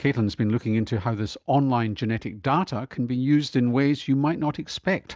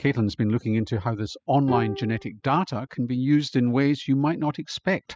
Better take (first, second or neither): first